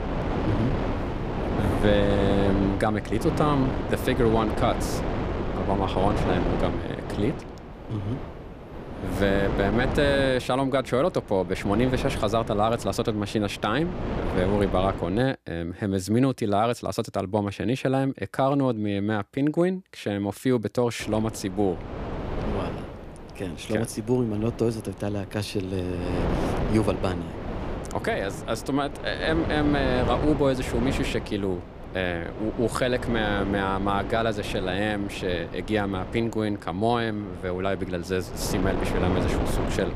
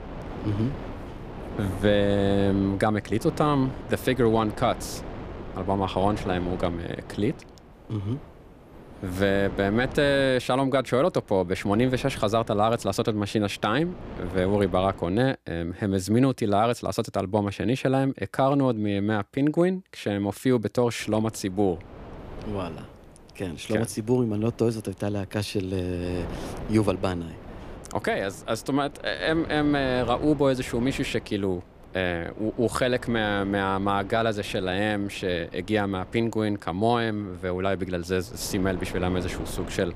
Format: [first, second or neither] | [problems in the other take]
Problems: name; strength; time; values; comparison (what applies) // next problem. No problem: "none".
second | wind noise on the microphone; heavy; until 15 s and from 21 s on; 6 dB below the speech; occasional gusts in the second